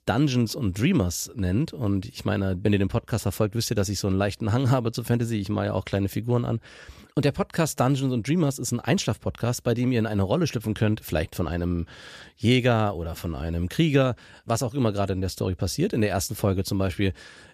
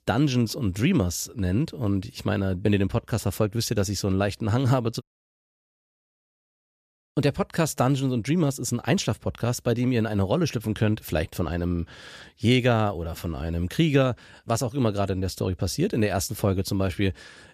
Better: first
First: none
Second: audio cutting out; at 5 s for 2 s

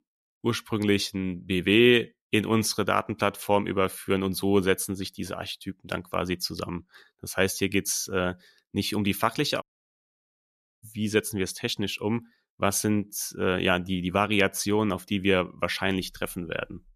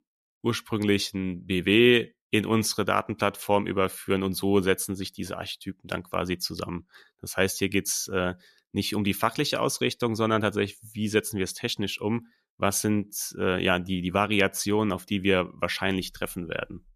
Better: second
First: audio cutting out; at 9.5 s for 1 s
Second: none

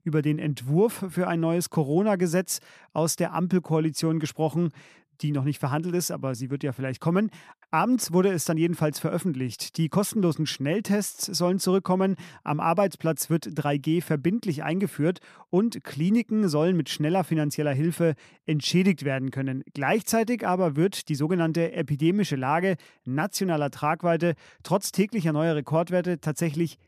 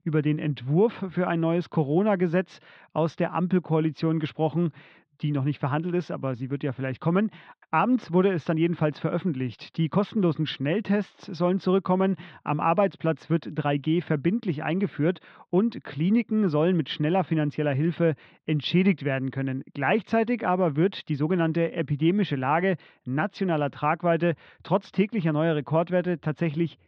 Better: first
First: none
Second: muffled; very; fading above 3.5 kHz

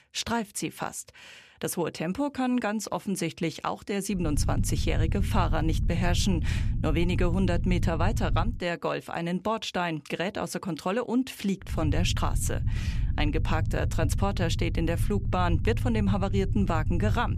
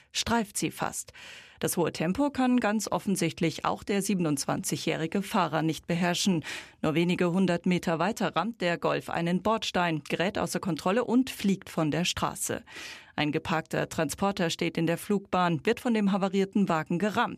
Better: second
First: low rumble; noticeable; from 4 to 8.5 s and from 12 s on; 15 dB below the speech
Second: none

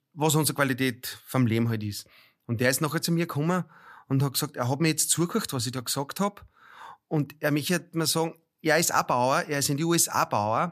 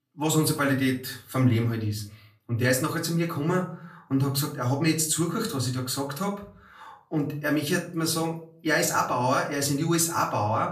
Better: first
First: none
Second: off-mic speech; far // room echo; slight; dies away in 0.4 s

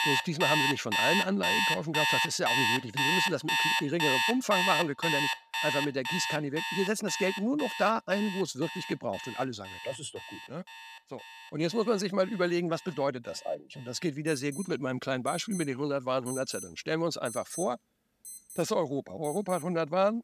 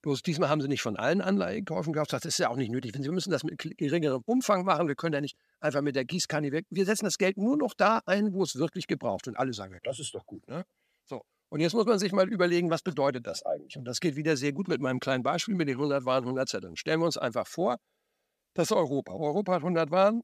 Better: second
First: alarms or sirens; very loud; throughout; 2 dB above the speech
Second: none

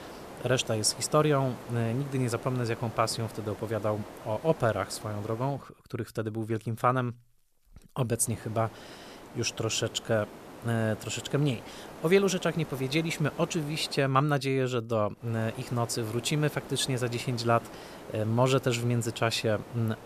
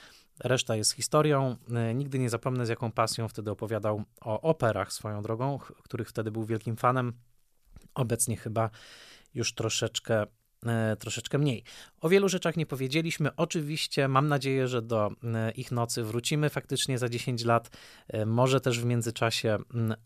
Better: second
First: hiss; noticeable; until 5.5 s, from 8 to 14 s and from 15 s on; 15 dB below the speech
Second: none

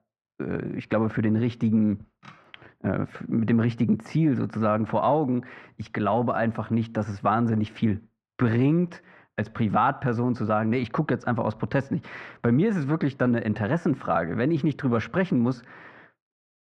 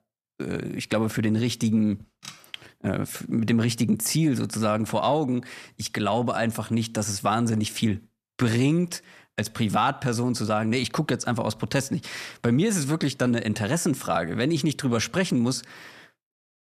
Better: second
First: muffled; very; fading above 1.5 kHz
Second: none

